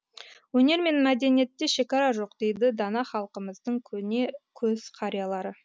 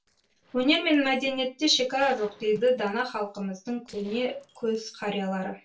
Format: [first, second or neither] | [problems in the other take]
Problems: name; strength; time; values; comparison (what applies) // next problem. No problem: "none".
first | noise reduction (neural separator model SepFormer DNS4)